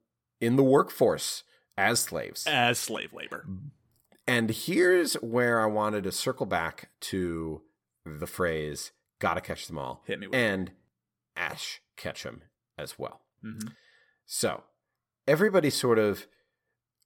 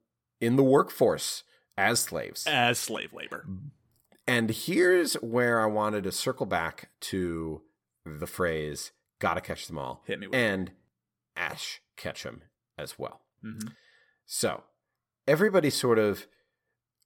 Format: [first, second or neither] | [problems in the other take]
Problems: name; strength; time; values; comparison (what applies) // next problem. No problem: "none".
neither | none